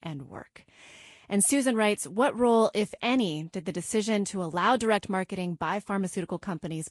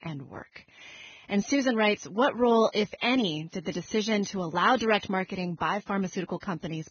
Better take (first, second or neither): first